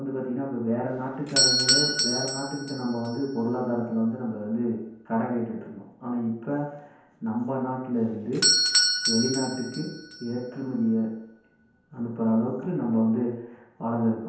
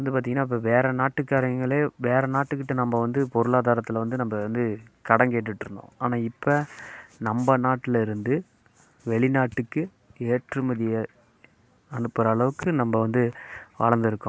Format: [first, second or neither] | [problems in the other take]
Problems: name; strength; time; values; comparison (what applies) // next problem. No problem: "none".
second | background sound (Doorbell); 2 dB below the speech // room echo; dies away in 0.9 s